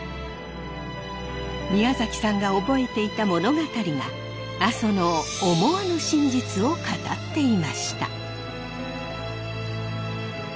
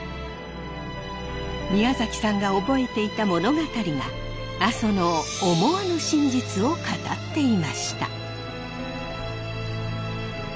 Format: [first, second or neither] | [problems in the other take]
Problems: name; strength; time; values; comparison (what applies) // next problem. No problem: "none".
first | background sound (Purr); 19 dB below the speech